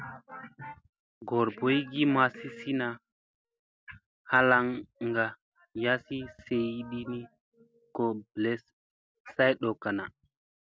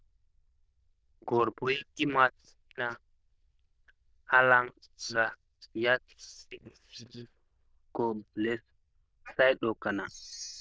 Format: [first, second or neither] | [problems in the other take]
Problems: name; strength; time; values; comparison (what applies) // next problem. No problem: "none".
first | noise reduction (neural diffusion model UNIVERSE++)